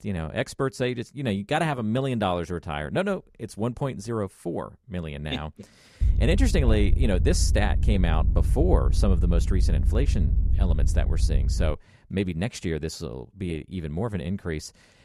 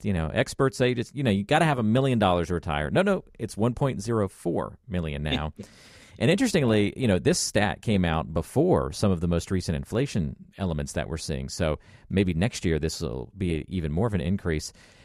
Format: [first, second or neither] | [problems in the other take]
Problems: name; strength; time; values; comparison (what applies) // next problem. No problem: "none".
second | low rumble; noticeable; from 6 to 12 s; 15 dB below the speech